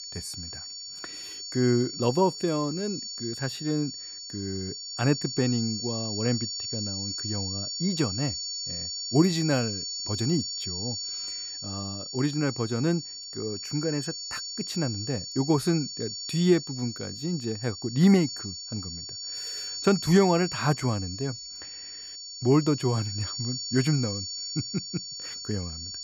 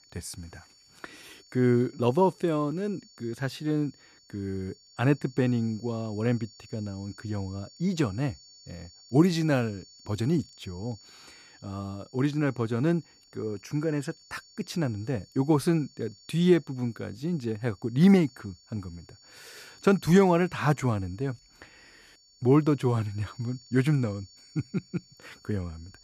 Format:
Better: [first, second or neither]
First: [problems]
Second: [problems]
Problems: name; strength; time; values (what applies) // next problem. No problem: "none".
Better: second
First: high-pitched whine; loud; throughout; 4.5 kHz, 5 dB below the speech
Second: high-pitched whine; faint; throughout; 4.5 kHz, 25 dB below the speech